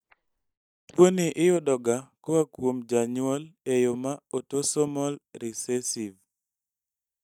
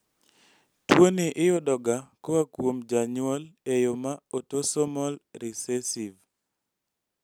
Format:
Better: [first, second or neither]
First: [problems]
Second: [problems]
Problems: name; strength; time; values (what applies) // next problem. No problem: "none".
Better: second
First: noise reduction (neural mask model DeepFilterNet 3)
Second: none